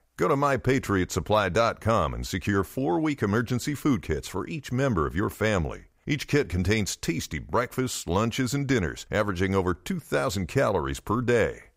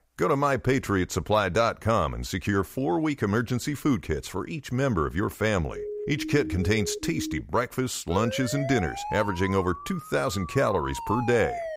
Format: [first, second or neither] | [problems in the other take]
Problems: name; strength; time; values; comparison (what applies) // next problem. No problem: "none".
first | siren; noticeable; from 5.5 to 7.5 s and from 8 s on; peak 7 dB below the speech